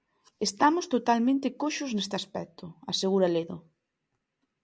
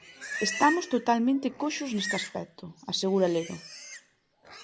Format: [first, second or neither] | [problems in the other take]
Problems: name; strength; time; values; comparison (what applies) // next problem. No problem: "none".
first | background sound (Livestock, farm animals, working animals); 11 dB below the speech